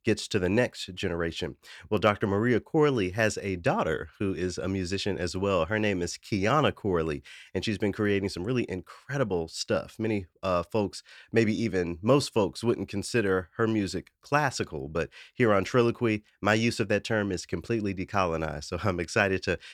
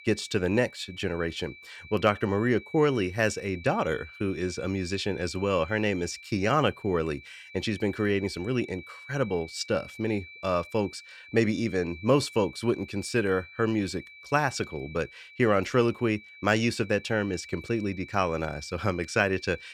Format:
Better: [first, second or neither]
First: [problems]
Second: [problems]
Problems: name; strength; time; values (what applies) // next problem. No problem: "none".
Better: first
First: none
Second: high-pitched whine; noticeable; throughout; 2.5 kHz, 15 dB below the speech